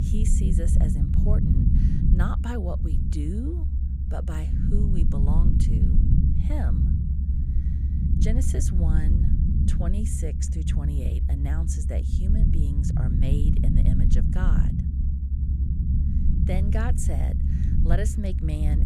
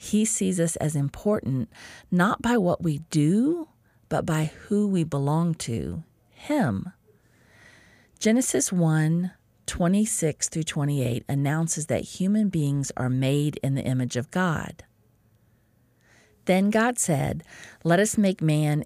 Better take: second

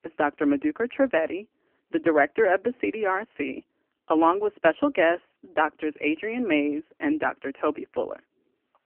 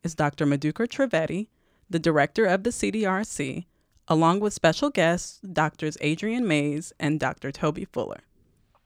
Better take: second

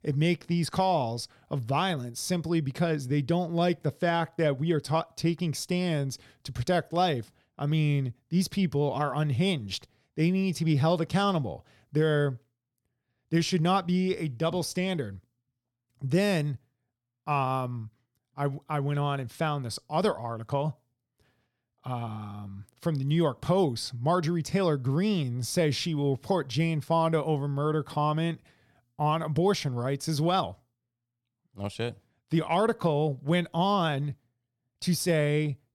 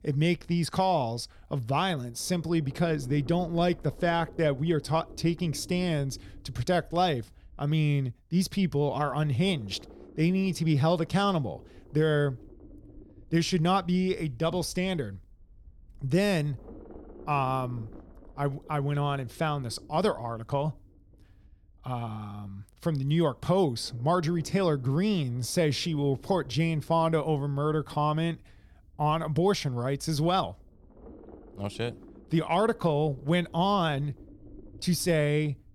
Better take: first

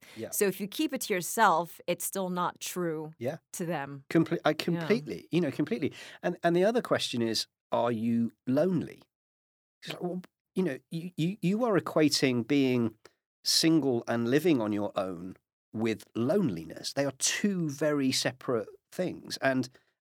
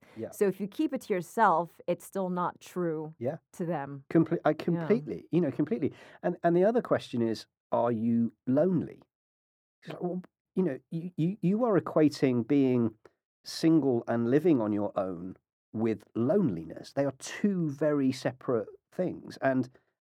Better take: first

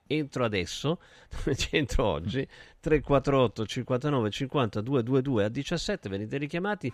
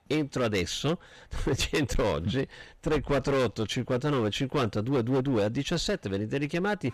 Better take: first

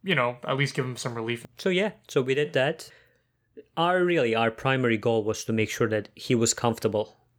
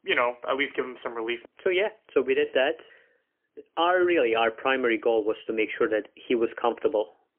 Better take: first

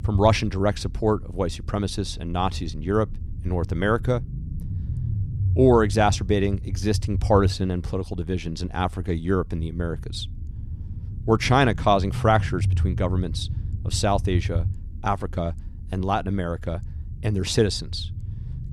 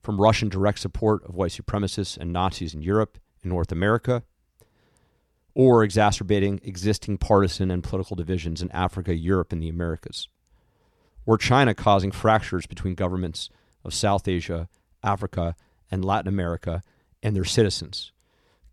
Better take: second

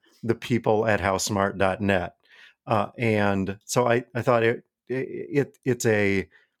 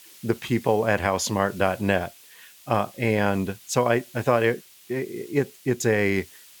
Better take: first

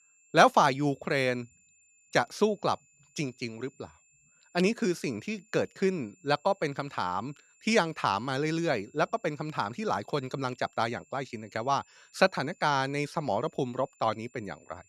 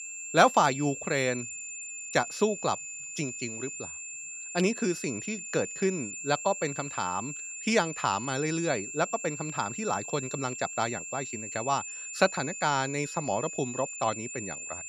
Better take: first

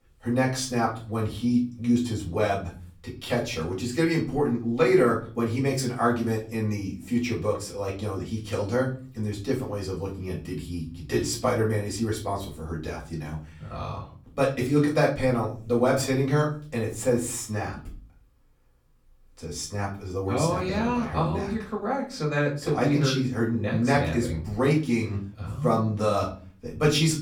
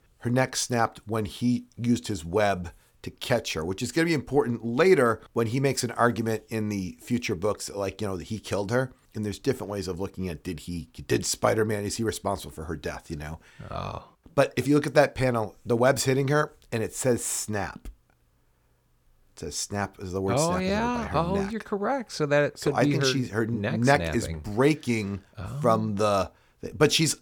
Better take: second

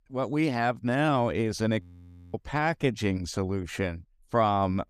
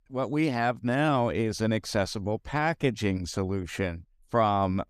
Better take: second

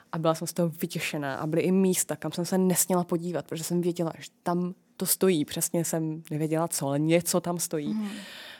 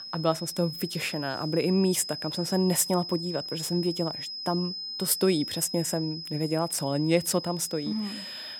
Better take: first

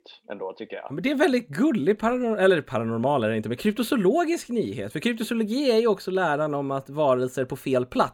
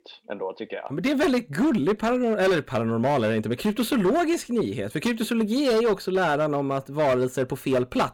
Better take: first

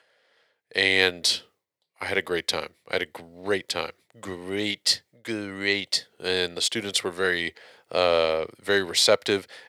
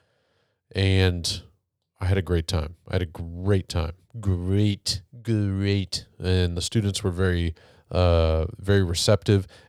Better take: second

